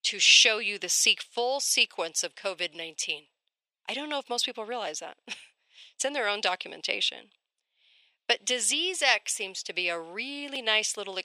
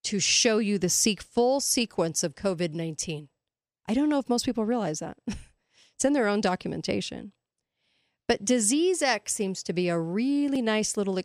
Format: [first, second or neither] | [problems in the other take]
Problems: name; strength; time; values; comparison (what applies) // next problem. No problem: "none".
second | thin; very; fading below 700 Hz